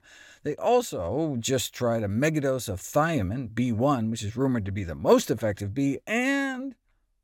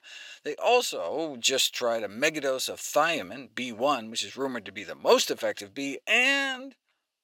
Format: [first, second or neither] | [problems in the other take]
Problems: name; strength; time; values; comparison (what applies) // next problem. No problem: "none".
first | thin; somewhat; fading below 450 Hz